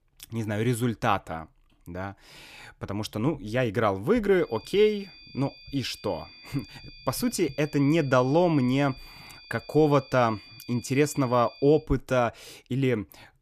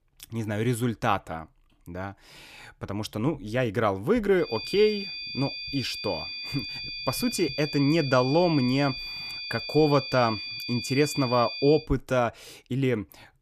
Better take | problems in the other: first | high-pitched whine; loud; from 4.5 to 12 s; 2.5 kHz, 7 dB below the speech; faint in the first

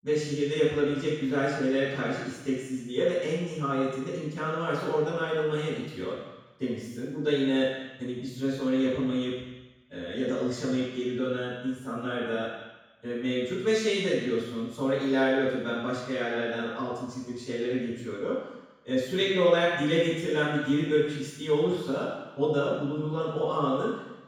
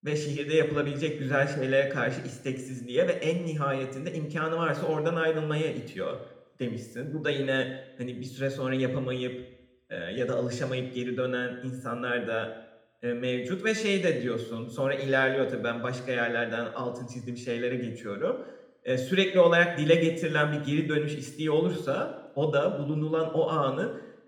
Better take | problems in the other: second | room echo; strong; dies away in 1.1 s; slight in the second // off-mic speech; far; somewhat distant in the second

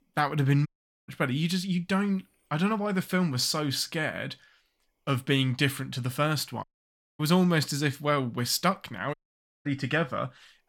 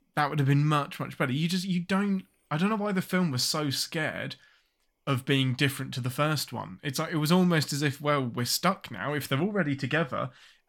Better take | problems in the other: second | audio cutting out; at 0.5 s, at 6.5 s for 0.5 s and at 9 s for 0.5 s

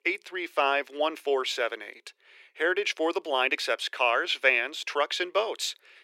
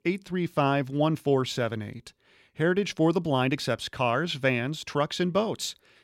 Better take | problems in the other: second | thin; very; fading below 350 Hz

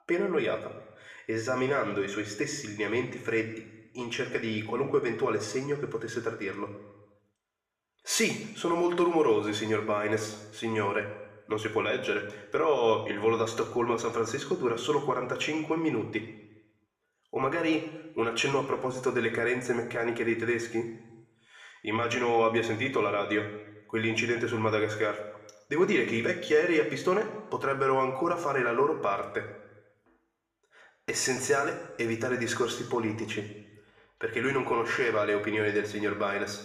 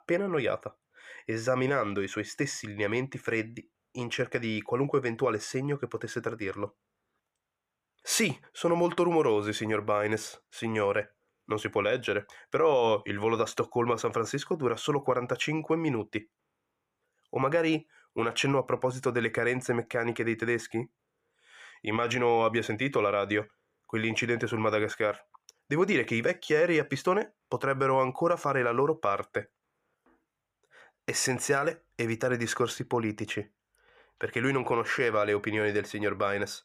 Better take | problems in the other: second | room echo; slight; dies away in 0.8 s // off-mic speech; somewhat distant

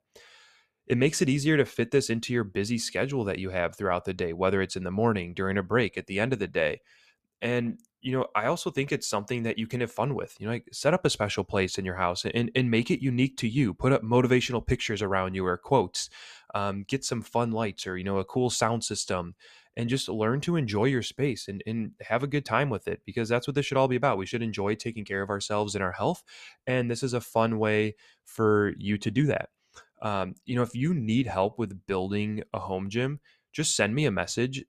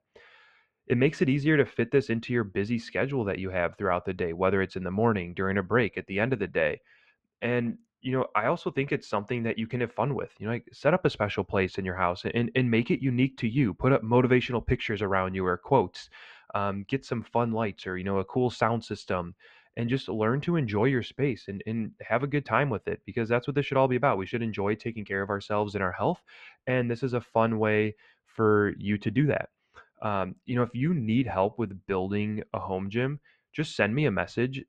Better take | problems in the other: first | muffled; slightly; fading above 2 kHz

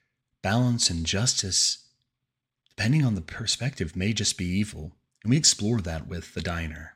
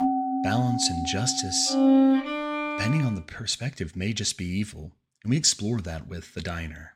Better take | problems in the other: first | background music; very loud; until 2.5 s; 2 dB above the speech

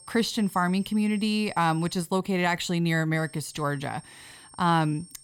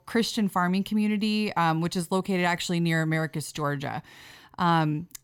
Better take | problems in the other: second | high-pitched whine; faint; until 2 s and from 3 s on; 8.5 kHz, 20 dB below the speech

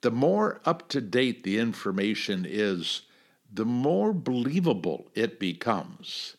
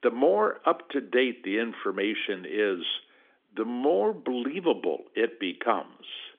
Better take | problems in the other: first | phone-call audio; nothing above 3.5 kHz

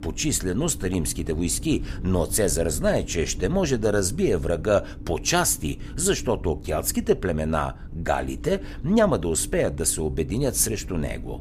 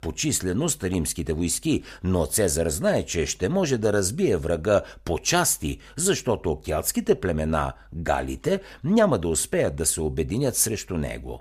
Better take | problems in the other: second | low rumble; faint; throughout; 20 dB below the speech

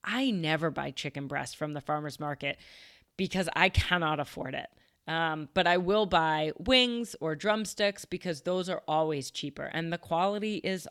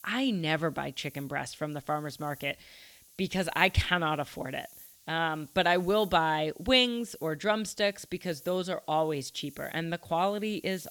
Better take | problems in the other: first | hiss; faint; throughout; 25 dB below the speech

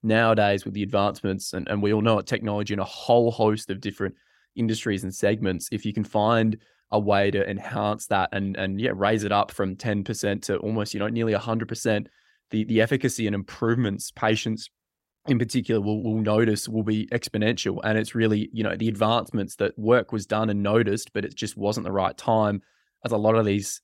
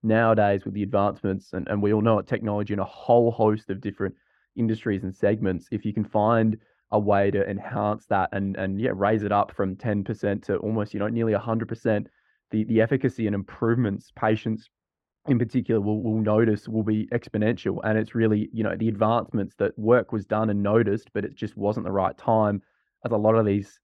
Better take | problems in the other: first | muffled; very; fading above 3.5 kHz

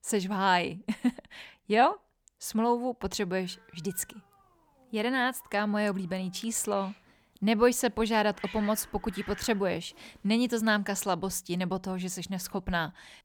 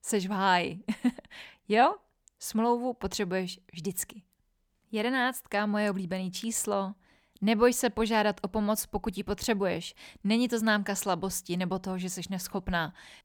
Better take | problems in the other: second | hiss; faint; from 3.5 to 11 s; 20 dB below the speech

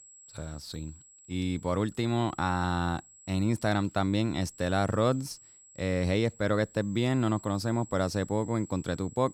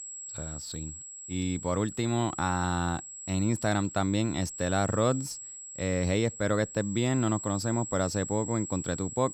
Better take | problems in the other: first | high-pitched whine; loud; throughout; 7.5 kHz, 9 dB below the speech; faint in the first

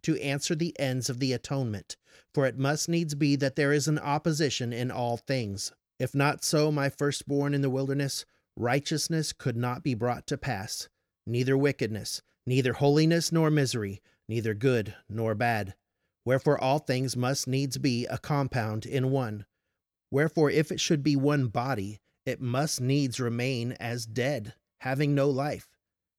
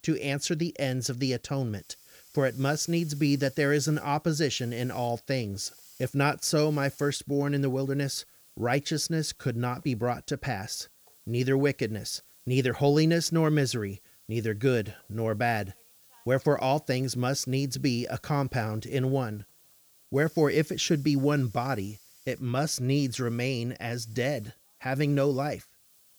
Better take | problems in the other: first | hiss; faint; throughout; 25 dB below the speech

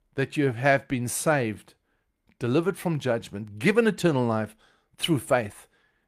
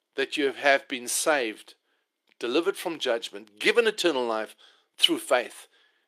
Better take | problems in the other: first | thin; somewhat; fading below 350 Hz

